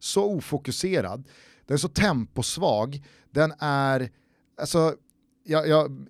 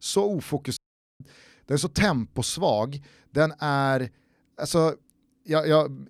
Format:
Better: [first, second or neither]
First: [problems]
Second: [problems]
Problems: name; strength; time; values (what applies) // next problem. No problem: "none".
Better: first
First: none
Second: audio cutting out; at 1 s